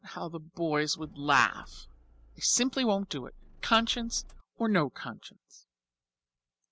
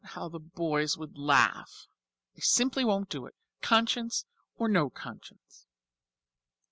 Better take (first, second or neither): second